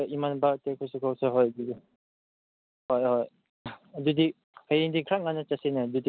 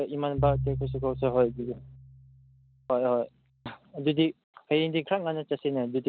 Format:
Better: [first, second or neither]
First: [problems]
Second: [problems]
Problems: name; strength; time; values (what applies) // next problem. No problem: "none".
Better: first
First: none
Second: background sound (Piano); 7 dB below the speech